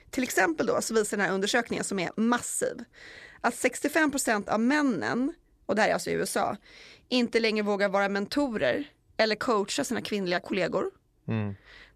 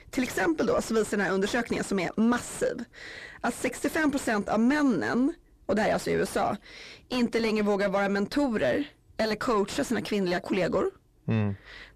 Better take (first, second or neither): first